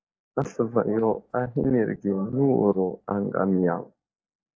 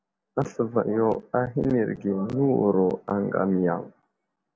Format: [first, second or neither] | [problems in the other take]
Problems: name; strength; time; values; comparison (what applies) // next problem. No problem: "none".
second | noise reduction (neural mask model DeepFilterNet 3)